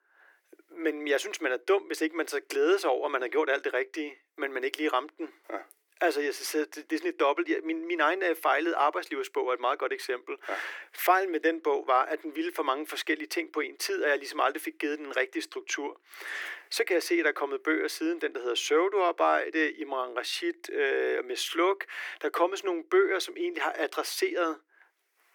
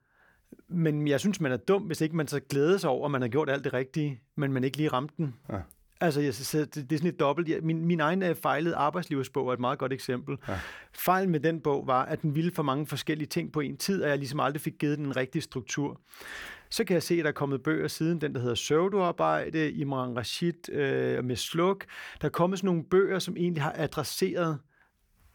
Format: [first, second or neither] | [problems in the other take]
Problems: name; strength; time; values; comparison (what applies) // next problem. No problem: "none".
second | thin; very; fading below 300 Hz